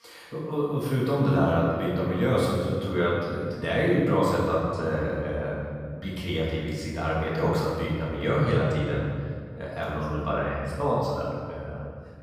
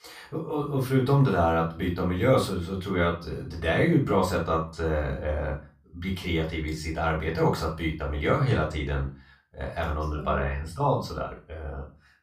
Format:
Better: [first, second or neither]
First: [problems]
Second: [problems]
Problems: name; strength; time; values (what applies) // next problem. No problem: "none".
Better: second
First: room echo; strong; dies away in 2 s // off-mic speech; far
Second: room echo; slight; dies away in 0.3 s // off-mic speech; far